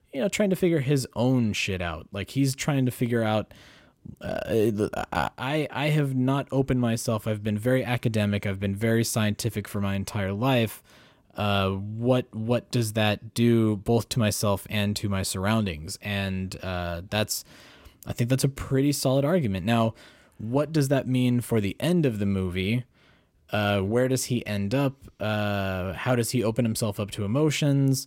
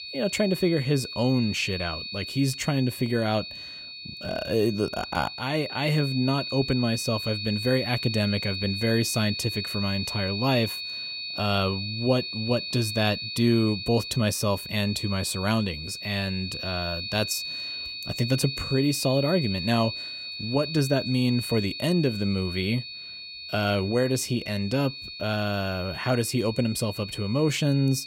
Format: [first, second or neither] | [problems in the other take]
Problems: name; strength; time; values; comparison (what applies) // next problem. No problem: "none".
first | high-pitched whine; loud; throughout; 4.5 kHz, 6 dB below the speech